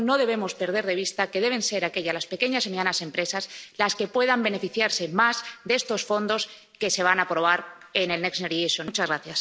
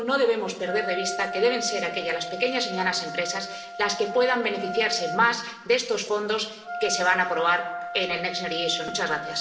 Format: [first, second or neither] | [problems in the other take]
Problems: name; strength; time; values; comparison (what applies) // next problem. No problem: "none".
first | background sound (Wind instrument, woodwind instrument); 9 dB below the speech // room echo; dies away in 0.8 s